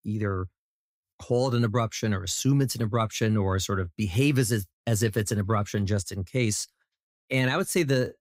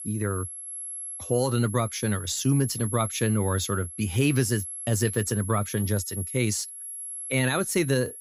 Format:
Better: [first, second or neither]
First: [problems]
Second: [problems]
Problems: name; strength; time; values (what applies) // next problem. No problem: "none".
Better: first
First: none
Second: high-pitched whine; loud; throughout; 11 kHz, 8 dB below the speech